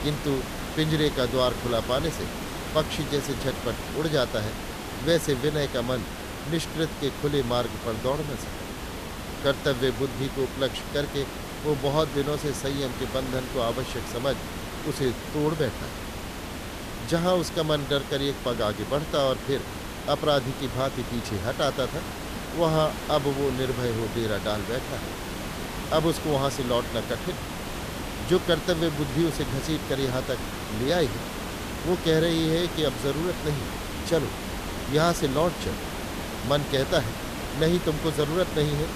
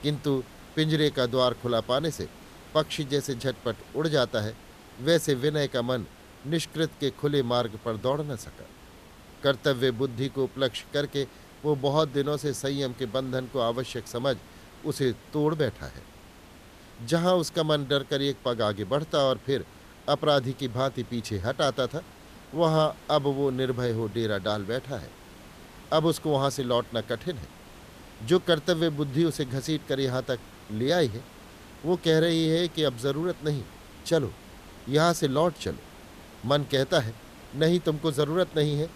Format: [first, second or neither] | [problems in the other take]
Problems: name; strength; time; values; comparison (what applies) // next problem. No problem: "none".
second | hiss; loud; throughout; 7 dB below the speech; faint in the second